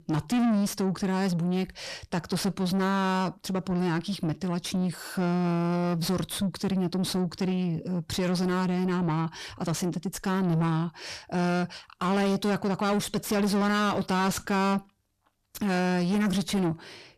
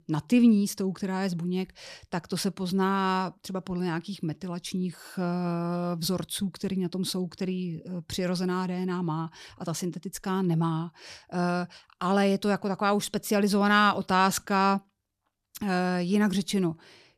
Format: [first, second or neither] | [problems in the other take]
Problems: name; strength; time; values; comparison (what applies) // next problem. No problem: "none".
second | distortion; heavy; 7 dB below the speech